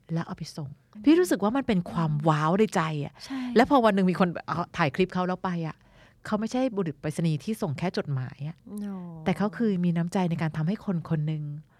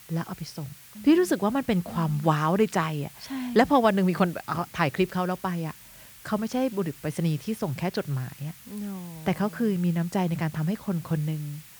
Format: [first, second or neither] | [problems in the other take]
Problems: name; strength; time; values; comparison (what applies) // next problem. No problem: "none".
first | hiss; noticeable; throughout; 20 dB below the speech